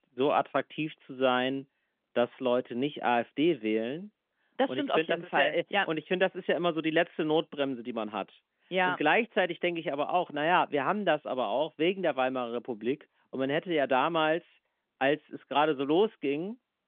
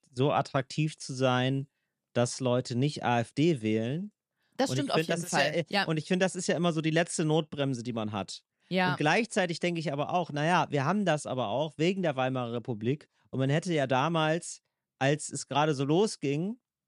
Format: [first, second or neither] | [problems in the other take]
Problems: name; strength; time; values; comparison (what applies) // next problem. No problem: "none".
second | phone-call audio; nothing above 3.5 kHz